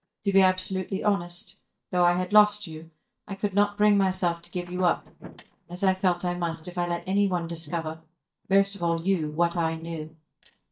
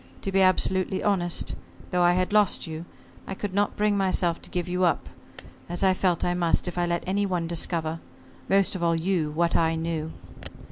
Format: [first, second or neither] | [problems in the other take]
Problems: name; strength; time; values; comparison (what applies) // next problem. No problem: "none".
second | noise reduction (neural mask model DeepFilterNet 3)